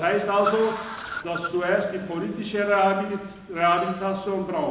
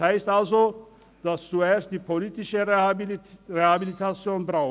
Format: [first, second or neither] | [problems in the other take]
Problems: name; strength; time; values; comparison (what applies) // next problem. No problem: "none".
second | background sound (Car); 13 dB below the speech // room echo; dies away in 0.9 s